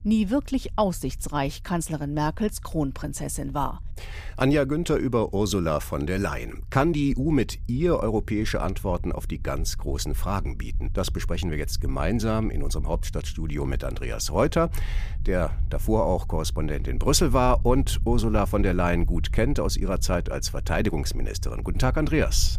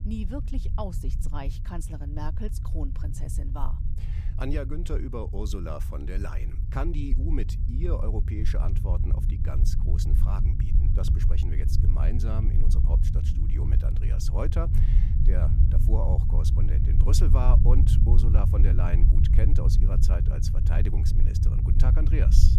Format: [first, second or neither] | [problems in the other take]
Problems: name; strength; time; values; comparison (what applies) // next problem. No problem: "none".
first | low rumble; loud; throughout; 3 dB below the speech; faint in the first